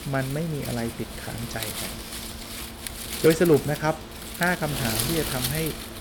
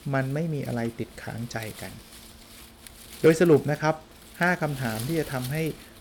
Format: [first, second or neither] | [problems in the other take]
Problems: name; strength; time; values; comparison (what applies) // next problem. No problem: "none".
second | wind noise on the microphone; heavy; 6 dB below the speech; occasional gusts in the second